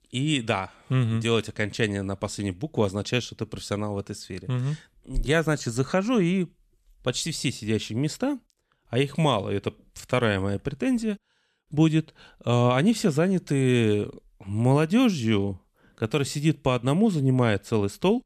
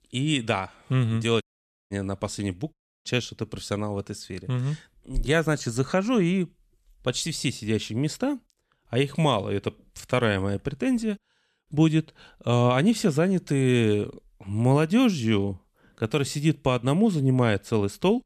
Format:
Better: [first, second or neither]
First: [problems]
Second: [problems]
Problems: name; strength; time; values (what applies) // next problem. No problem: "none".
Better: first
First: none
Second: audio cutting out; at 1.5 s and at 2.5 s